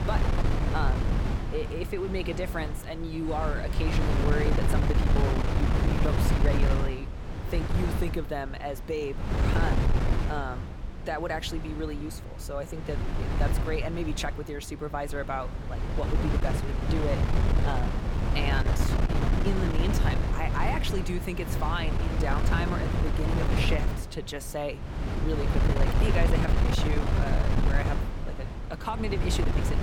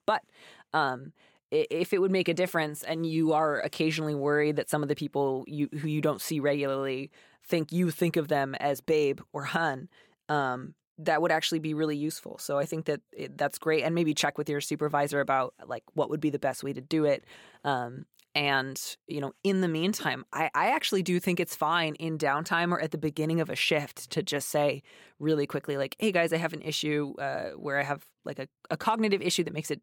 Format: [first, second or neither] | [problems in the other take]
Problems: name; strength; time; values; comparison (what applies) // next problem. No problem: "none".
second | wind noise on the microphone; heavy; 1 dB below the speech